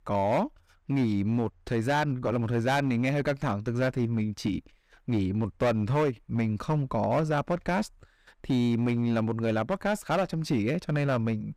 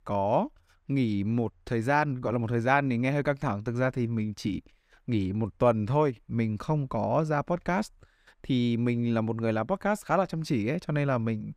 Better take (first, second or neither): second